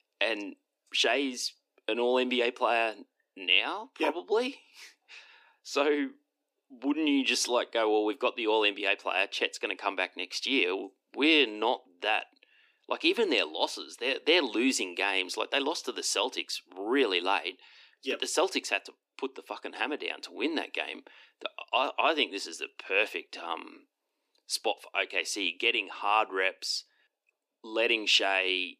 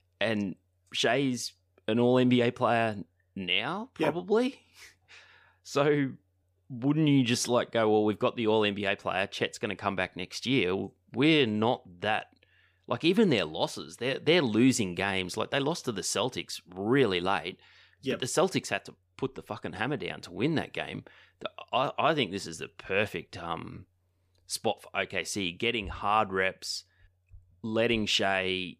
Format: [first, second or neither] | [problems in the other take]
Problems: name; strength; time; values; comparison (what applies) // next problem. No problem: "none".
second | thin; very slightly; fading below 250 Hz